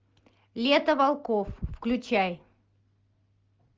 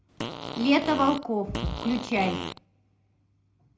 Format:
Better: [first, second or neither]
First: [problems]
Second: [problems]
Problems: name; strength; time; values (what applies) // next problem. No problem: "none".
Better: first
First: none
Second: background sound (Fart); 7 dB below the speech // room echo; dies away in 0.4 s